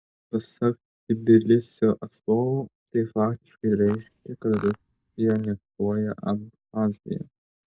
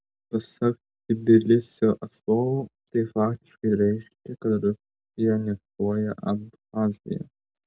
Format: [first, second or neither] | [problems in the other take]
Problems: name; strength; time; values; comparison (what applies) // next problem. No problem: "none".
second | noise reduction (neural mask model DeepFilterNet 3)